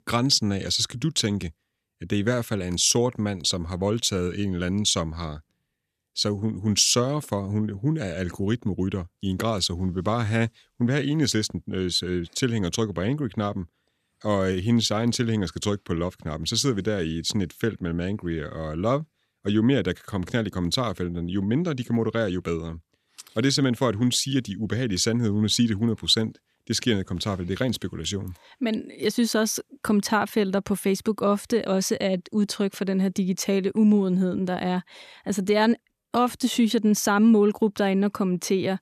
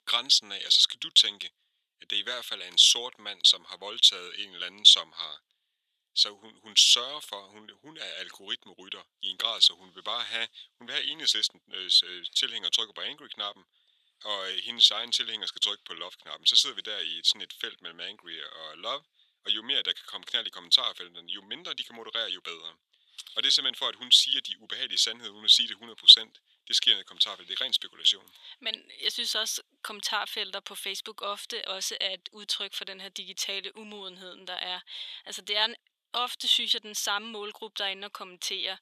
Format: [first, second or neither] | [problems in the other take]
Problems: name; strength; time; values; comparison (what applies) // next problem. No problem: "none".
first | thin; very; fading below 850 Hz